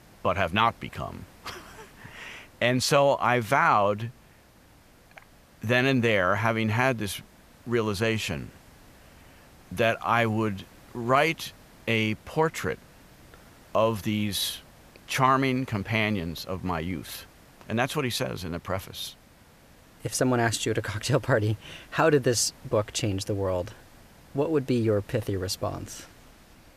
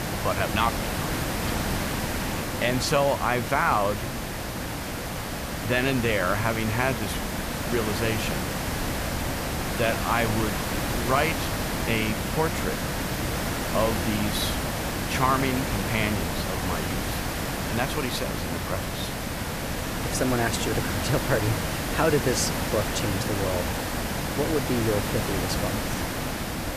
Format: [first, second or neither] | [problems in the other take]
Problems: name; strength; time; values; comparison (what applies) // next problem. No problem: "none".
first | hiss; loud; throughout; 1 dB below the speech; faint in the first